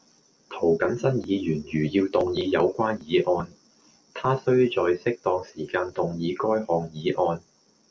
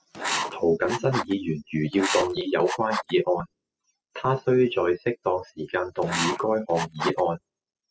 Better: first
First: none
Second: noise reduction (classical method spectral subtraction)

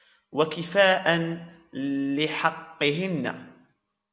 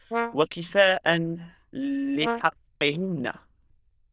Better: first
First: none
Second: noise reduction (neural diffusion model UNIVERSE++)

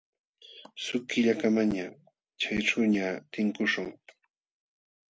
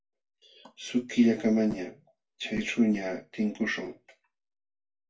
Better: first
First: none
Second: room echo; dies away in 0.2 s

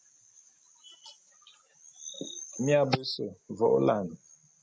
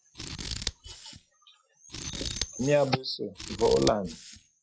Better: first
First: none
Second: noise reduction (classical method log-MMSE)

